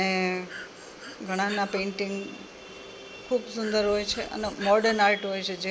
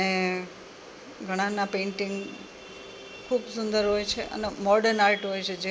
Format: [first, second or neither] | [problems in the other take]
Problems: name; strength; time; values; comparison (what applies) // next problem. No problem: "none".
second | background sound (Breathing); 14 dB below the speech